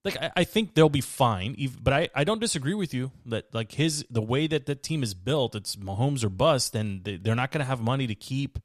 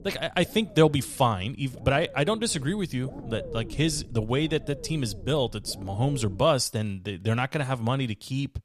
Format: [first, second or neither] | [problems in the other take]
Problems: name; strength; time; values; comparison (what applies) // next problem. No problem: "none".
first | low rumble; noticeable; until 6.5 s; 20 dB below the speech